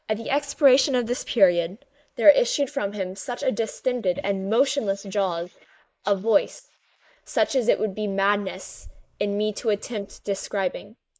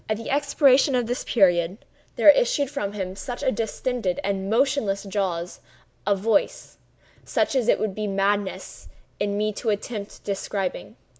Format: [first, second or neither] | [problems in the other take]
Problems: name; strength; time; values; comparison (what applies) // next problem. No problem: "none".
second | noise reduction (neural mask model Resemble Enhance denoiser)